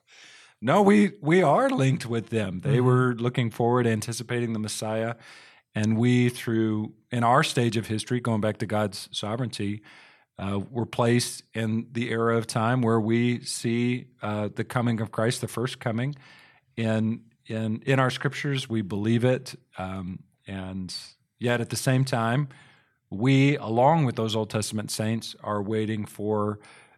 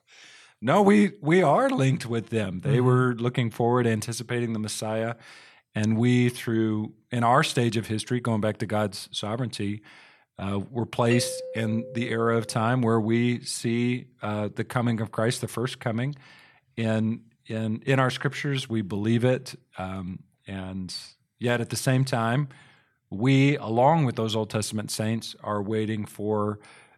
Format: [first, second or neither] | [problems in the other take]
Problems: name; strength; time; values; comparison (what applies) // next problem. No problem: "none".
first | doorbell; noticeable; from 11 to 13 s; peak 7 dB below the speech